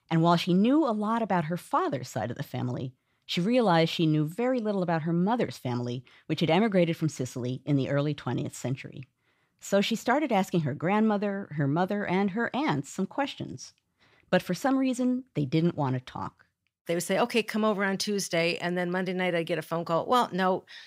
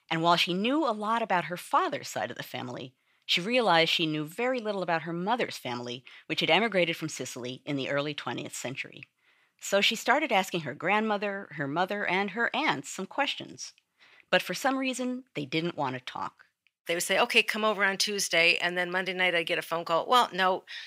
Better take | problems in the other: first | thin; somewhat; fading below 750 Hz

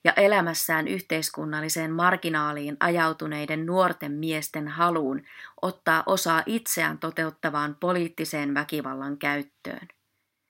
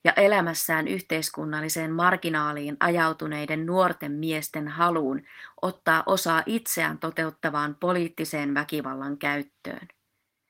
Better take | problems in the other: first | garbled, watery; slightly; nothing above 16 kHz

